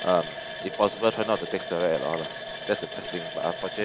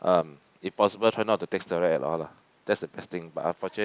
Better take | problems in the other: second | background sound (Water tap, faucet); 8 dB below the speech

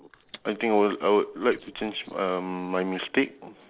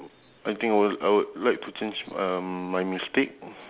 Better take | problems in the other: second | noise reduction (neural separator model SepFormer DNS4)

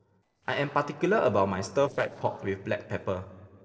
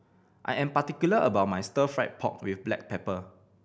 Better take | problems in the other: second | noise reduction (neural separator model SepFormer DNS4)

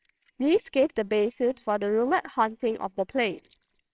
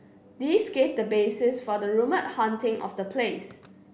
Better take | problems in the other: second | noise reduction (neural separator model SepFormer WHAMR!)

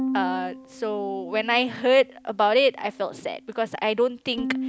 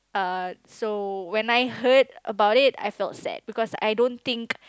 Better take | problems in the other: second | background sound (Bowed string instrument); 10 dB below the speech

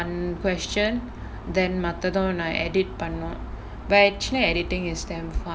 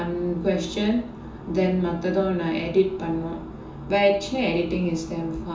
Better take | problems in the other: first | room echo; dies away in 0.7 s

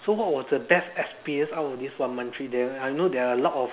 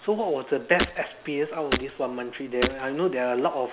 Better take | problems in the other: first | background sound (Shatter); 6 dB below the speech

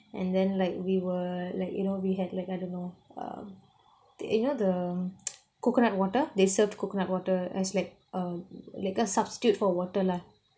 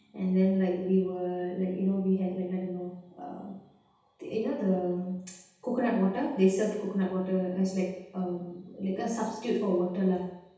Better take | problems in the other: first | room echo; dies away in 0.9 s

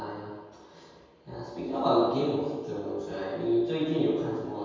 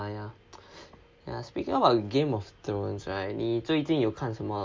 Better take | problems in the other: second | room echo; dies away in 1.2 s

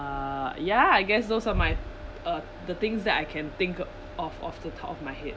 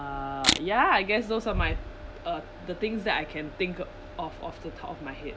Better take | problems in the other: first | background sound (Camera); 1 dB above the speech

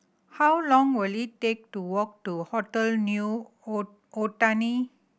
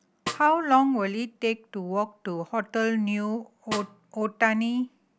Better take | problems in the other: first | background sound (Snare drum); 13 dB below the speech

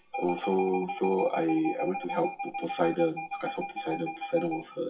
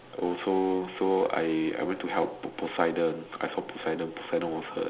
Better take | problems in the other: second | noise reduction (classical method WPE with log-MMSE)

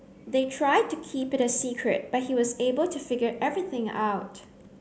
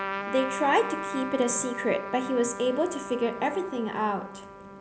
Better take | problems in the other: first | background sound (Trumpet); 8 dB below the speech

